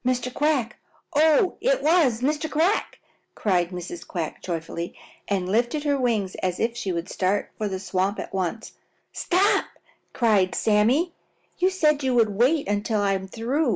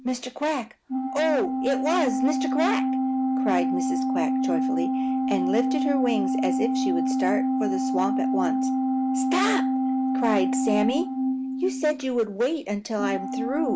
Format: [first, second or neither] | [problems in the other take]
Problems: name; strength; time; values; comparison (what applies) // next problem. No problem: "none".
first | background sound (Organ); 3 dB above the speech